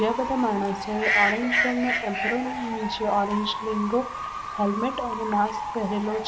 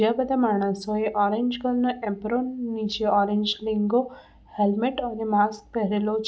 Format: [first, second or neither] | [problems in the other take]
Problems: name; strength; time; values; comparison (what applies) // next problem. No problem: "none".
second | background sound (Bird / Fowl); 2 dB below the speech